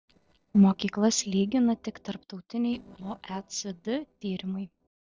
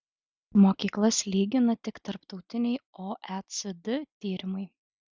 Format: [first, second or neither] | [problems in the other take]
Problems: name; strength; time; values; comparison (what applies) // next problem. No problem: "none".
second | noise reduction (neural separator model SepFormer DNS4)